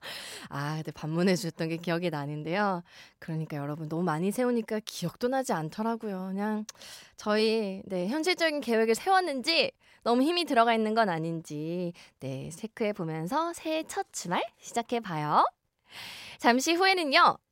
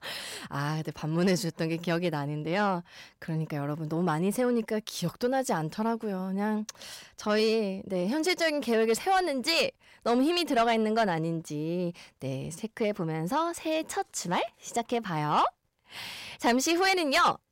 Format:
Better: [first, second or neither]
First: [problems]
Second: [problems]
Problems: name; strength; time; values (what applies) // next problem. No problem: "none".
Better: first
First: none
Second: distortion; slight; 10 dB below the speech